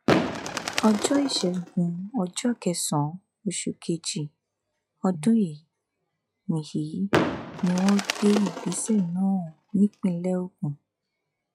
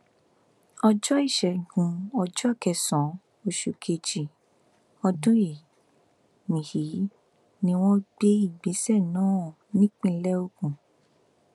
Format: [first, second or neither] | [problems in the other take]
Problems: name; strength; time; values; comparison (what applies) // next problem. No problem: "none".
second | noise reduction (classical method log-MMSE)